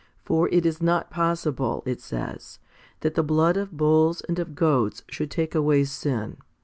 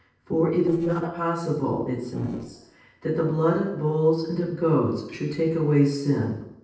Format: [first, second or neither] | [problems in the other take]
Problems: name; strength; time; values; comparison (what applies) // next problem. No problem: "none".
first | noise reduction (neural separator model SepFormer DNS4)